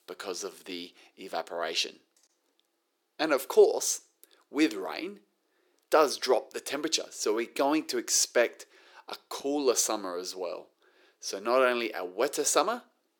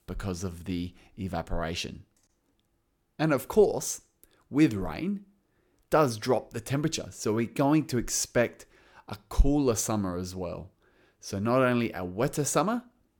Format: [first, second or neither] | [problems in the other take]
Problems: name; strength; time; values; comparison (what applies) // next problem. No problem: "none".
second | thin; somewhat; fading below 350 Hz